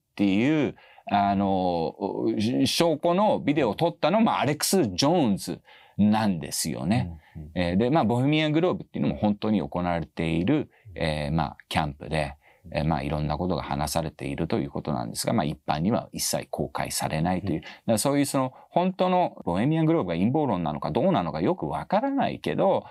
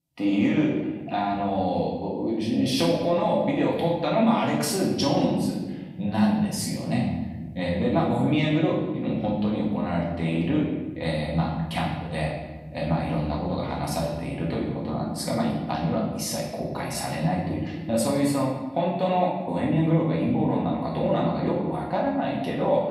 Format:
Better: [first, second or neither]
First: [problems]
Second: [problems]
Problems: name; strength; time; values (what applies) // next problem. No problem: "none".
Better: first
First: none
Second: off-mic speech; far // room echo; noticeable; dies away in 1.2 s